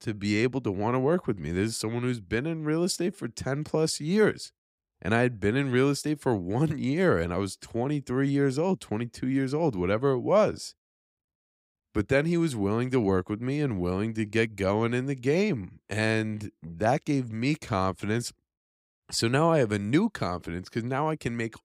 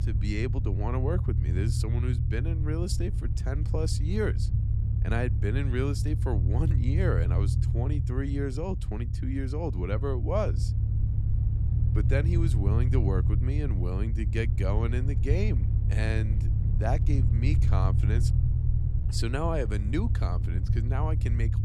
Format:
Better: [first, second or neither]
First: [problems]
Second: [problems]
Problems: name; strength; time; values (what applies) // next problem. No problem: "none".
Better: first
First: none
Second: low rumble; loud; throughout; 6 dB below the speech